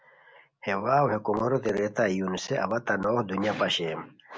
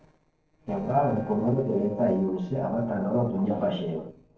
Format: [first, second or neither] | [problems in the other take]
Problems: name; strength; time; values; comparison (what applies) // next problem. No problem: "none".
first | noise reduction (neural separator model SepFormer DNS4)